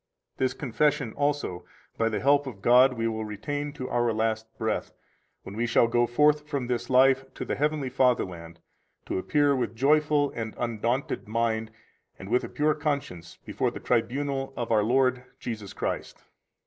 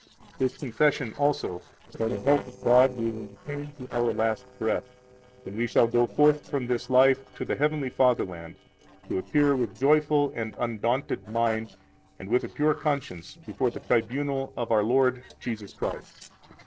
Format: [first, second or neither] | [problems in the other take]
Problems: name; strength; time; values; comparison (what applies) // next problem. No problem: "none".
first | noise reduction (neural separator model SepFormer DNS4)